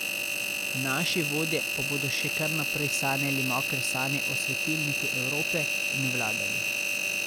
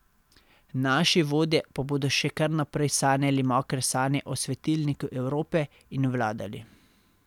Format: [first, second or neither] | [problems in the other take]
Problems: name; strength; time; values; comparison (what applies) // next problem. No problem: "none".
second | background sound (Engine); 4 dB above the speech